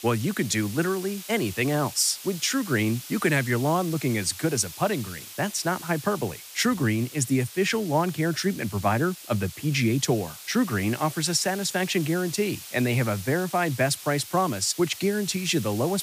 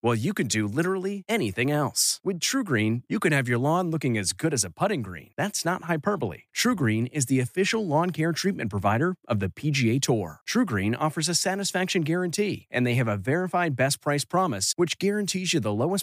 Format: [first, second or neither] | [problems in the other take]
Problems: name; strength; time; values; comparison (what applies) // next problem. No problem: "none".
second | hiss; noticeable; throughout; 15 dB below the speech